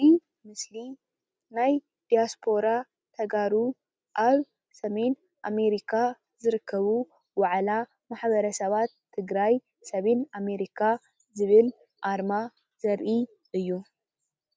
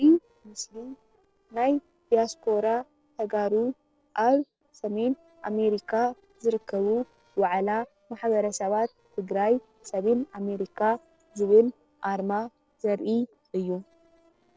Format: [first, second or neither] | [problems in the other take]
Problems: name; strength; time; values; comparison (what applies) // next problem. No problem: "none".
first | noise reduction (neural separator model SepFormer DNS4)